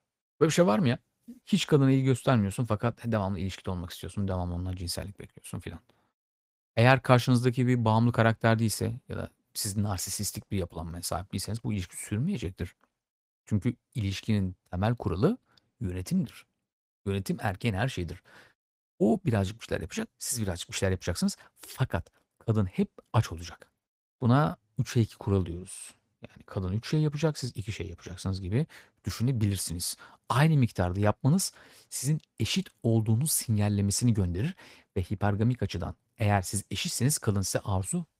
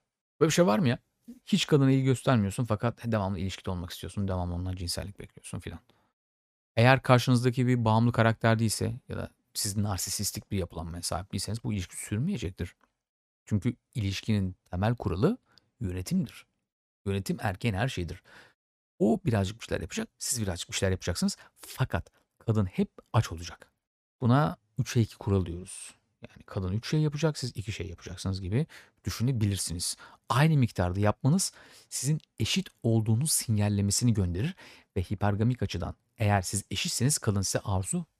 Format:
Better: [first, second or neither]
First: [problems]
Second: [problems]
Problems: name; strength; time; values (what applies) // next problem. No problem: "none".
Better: second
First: garbled, watery; slightly; nothing above 15.5 kHz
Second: none